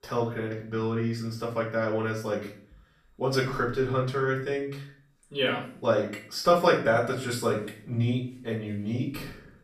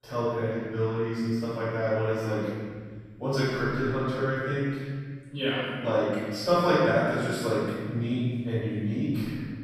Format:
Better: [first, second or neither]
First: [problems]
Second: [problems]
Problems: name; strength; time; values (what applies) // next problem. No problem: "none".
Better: first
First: room echo; slight; dies away in 0.4 s // off-mic speech; far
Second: room echo; strong; dies away in 1.9 s // off-mic speech; far